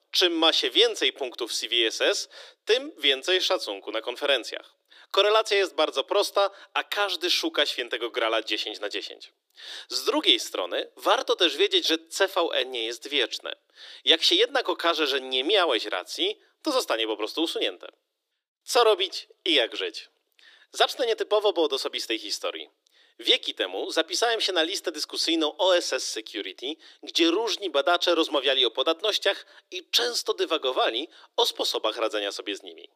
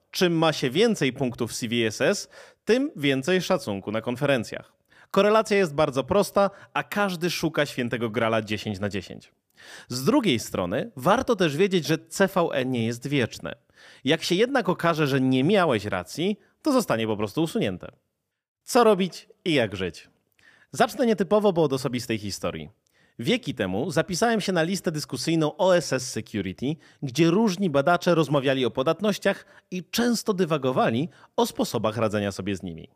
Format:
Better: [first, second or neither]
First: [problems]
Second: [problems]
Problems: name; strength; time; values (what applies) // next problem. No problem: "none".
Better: second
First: thin; very; fading below 300 Hz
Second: none